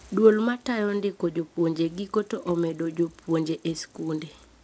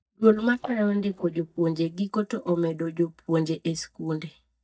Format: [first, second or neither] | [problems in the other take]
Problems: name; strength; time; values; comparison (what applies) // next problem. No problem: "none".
first | noise reduction (neural mask model DeepFilterNet 3)